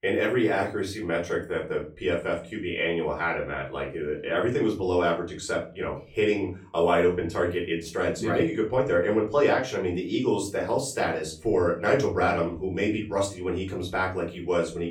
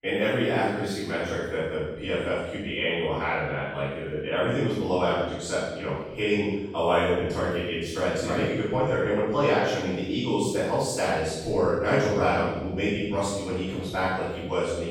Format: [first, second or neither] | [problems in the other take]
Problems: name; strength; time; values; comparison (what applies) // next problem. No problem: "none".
first | room echo; strong; dies away in 1 s; slight in the first // off-mic speech; far; far in the first